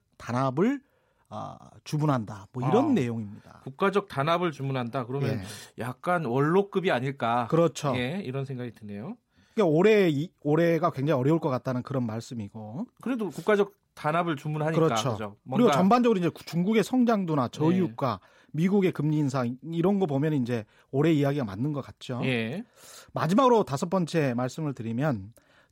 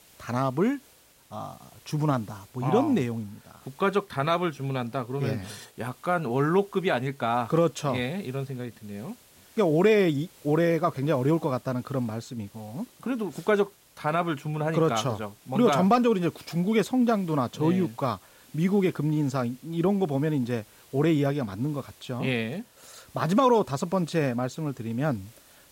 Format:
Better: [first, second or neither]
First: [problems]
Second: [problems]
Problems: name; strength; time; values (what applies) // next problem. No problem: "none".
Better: first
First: none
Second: hiss; faint; throughout; 25 dB below the speech